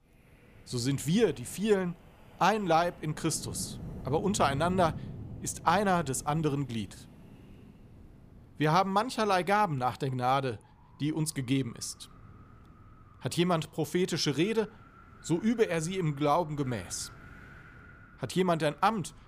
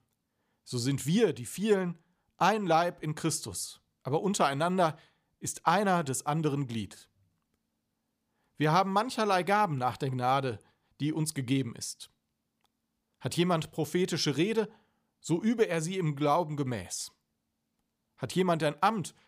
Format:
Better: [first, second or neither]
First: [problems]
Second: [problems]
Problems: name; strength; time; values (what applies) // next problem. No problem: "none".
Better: second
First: wind in the background; noticeable; throughout; 20 dB below the speech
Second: none